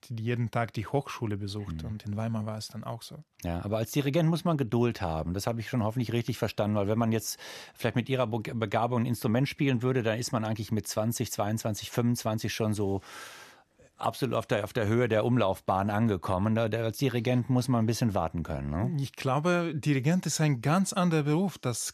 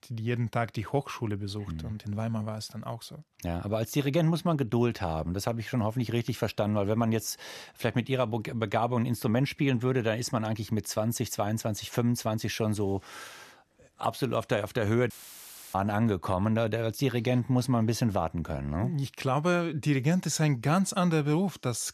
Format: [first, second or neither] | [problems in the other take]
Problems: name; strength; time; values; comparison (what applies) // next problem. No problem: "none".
first | audio cutting out; filled with static; at 15 s for 0.5 s